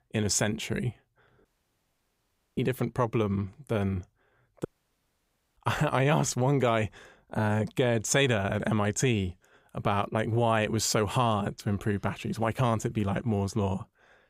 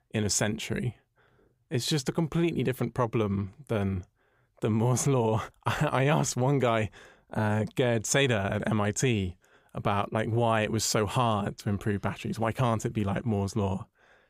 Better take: second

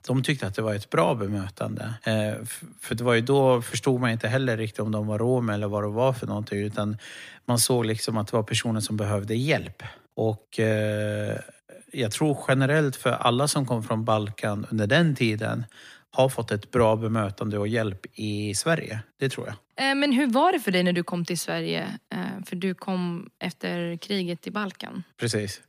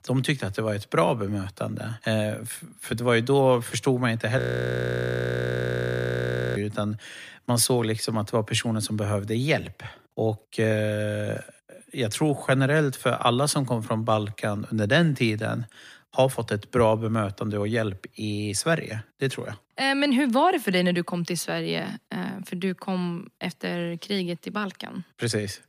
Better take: first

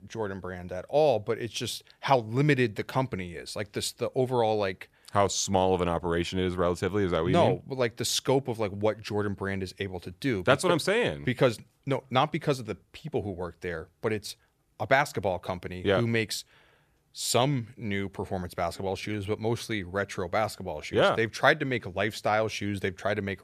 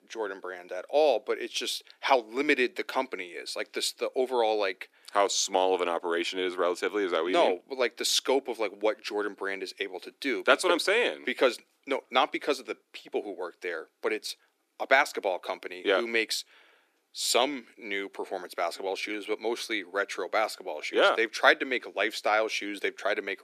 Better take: first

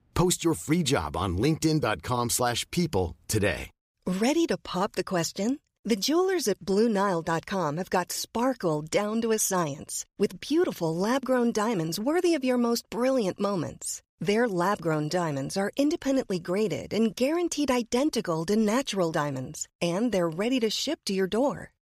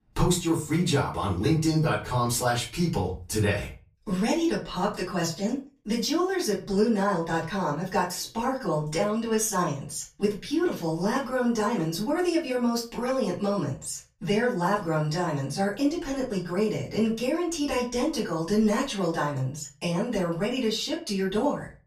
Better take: first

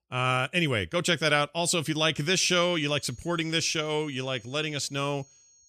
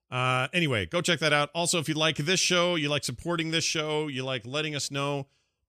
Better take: second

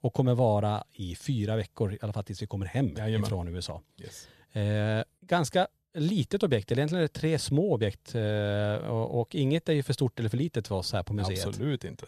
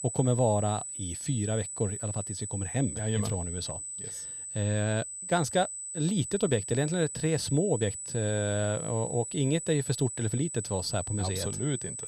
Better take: first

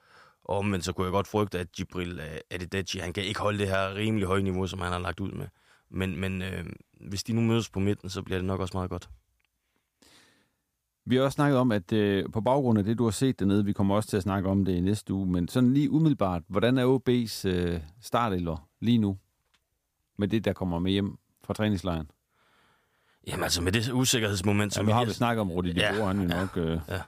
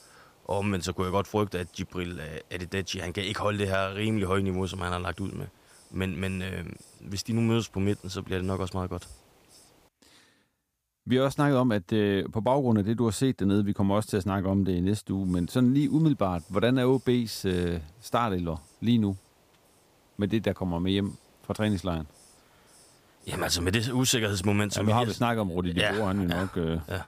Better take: first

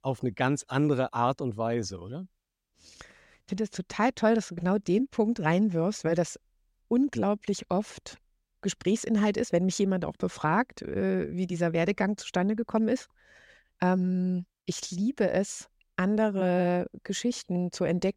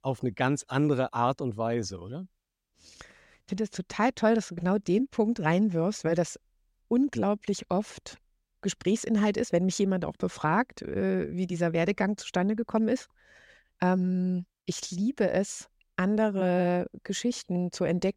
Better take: neither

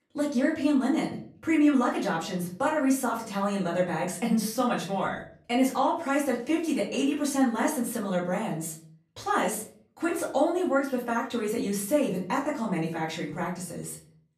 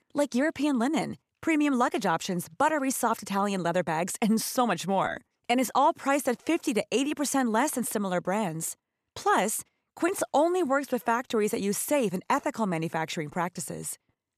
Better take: second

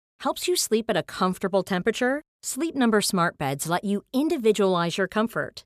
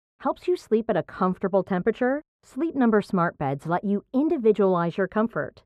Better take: first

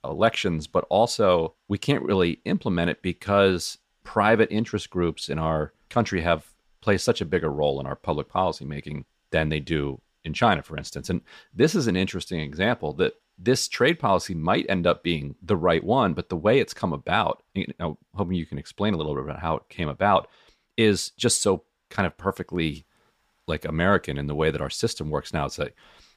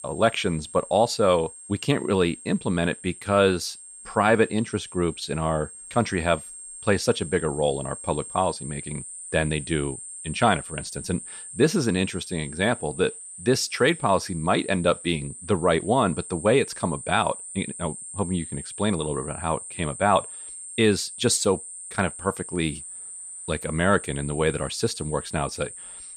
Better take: first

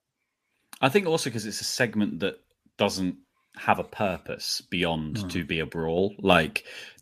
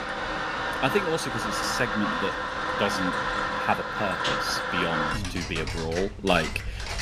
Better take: first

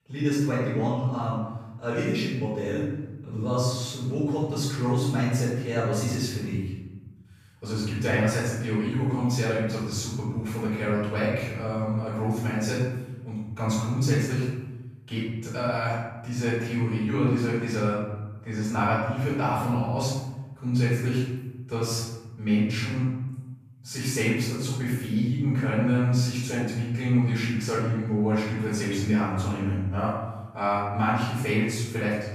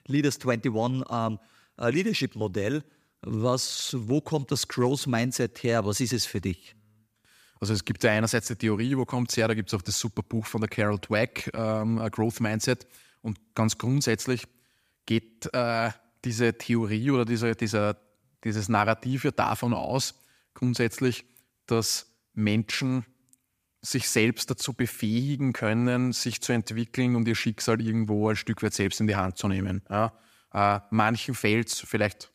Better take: second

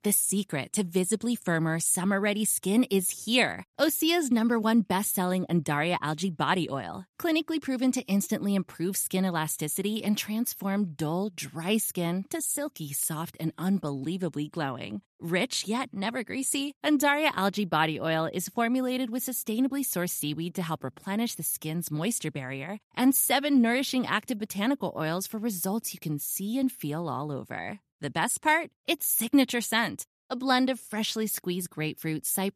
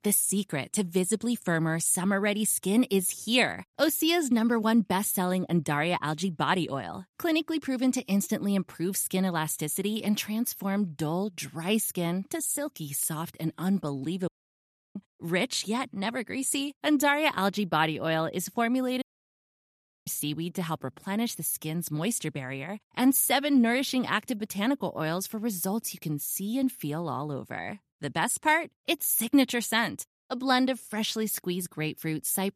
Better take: first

